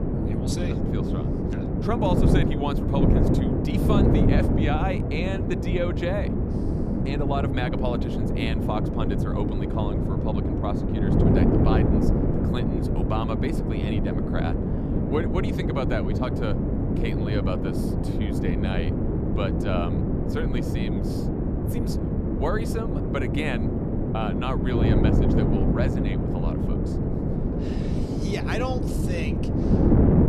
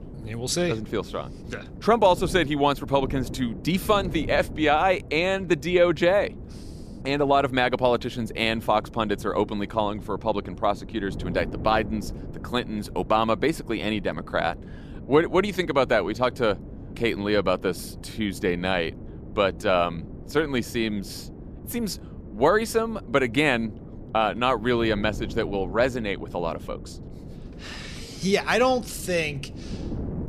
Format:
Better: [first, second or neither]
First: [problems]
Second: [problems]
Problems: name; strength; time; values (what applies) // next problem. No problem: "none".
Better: second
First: wind noise on the microphone; heavy; 1 dB above the speech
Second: wind noise on the microphone; occasional gusts; 20 dB below the speech